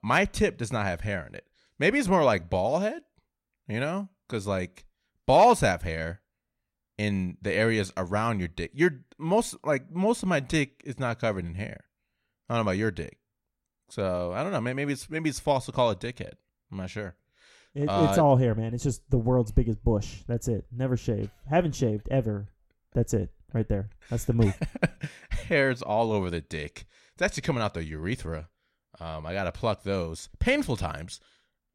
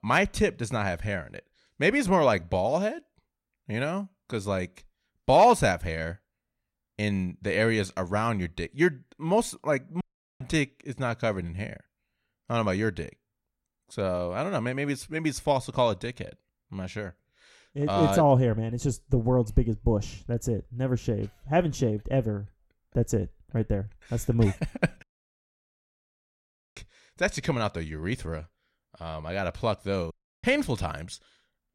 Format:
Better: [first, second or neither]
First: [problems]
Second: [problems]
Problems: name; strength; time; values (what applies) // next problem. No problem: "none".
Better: first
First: none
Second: audio cutting out; at 10 s, at 25 s for 1.5 s and at 30 s